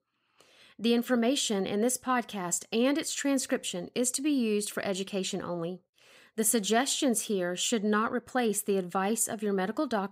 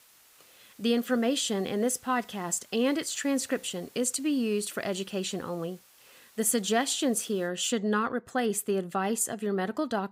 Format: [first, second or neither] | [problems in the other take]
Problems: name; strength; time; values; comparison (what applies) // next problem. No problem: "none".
first | hiss; faint; until 7.5 s; 25 dB below the speech